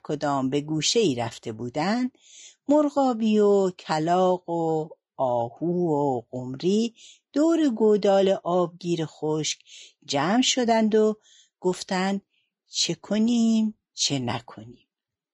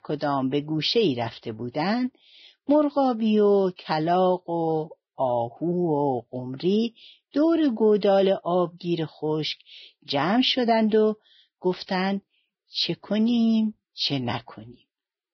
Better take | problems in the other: first | garbled, watery; badly; nothing above 5 kHz; slightly in the first

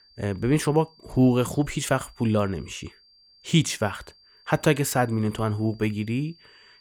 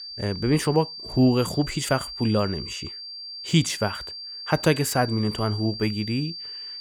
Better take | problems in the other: first | high-pitched whine; loud; throughout; 4.5 kHz, 10 dB below the speech; faint in the first

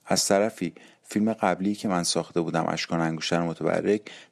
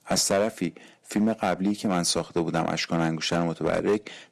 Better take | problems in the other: first | distortion; slight; 4% of the sound clipped

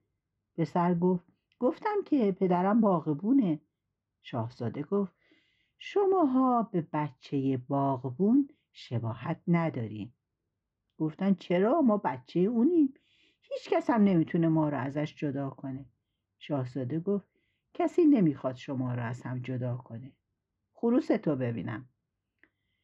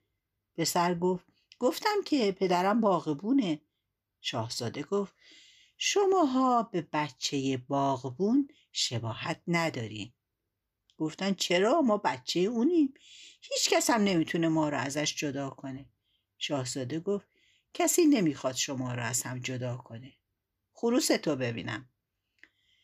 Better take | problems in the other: second | muffled; very; fading above 1.5 kHz

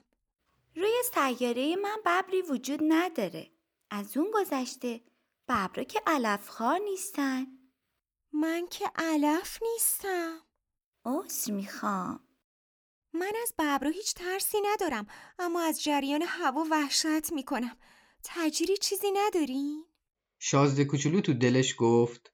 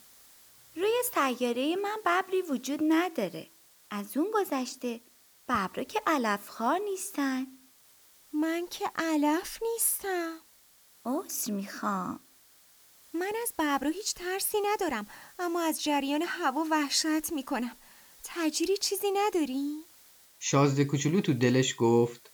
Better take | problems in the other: first | hiss; faint; throughout; 25 dB below the speech

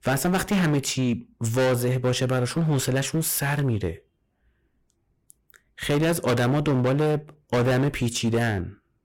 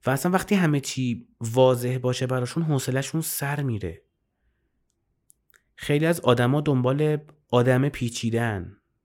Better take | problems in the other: second | distortion; heavy; 16% of the sound clipped

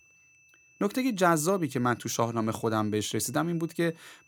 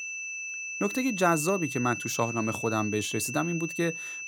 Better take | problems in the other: first | high-pitched whine; loud; throughout; 2.5 kHz, 5 dB below the speech; faint in the first

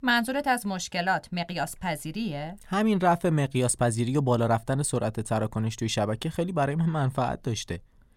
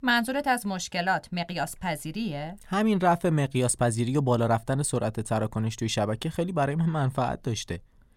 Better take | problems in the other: neither | none

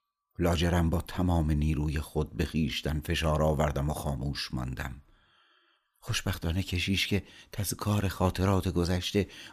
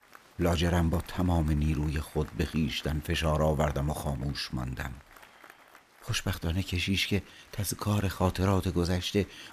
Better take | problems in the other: first | crowd noise; faint; throughout; 25 dB below the speech

